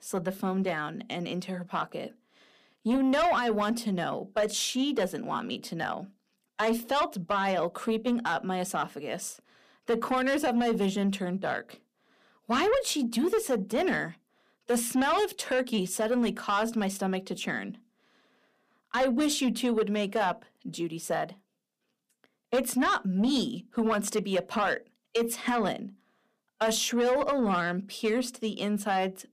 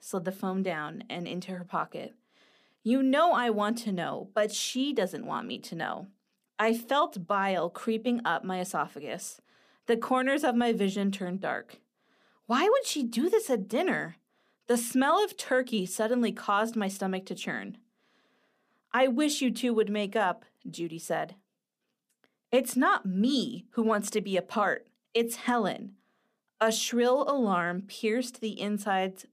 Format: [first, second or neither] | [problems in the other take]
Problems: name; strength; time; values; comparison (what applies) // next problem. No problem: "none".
second | distortion; slight; 10 dB below the speech